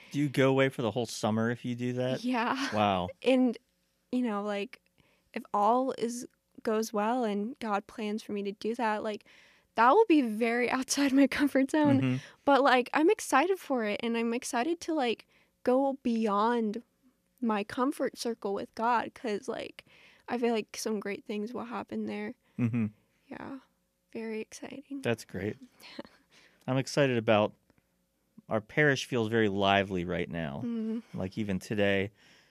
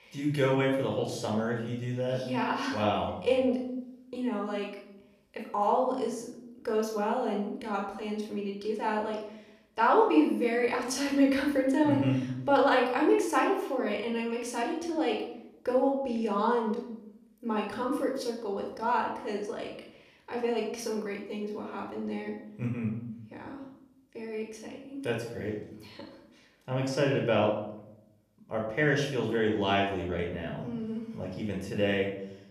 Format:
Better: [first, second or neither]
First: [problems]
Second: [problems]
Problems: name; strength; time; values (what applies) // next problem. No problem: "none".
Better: first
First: none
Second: off-mic speech; somewhat distant // room echo; noticeable; dies away in 0.7 s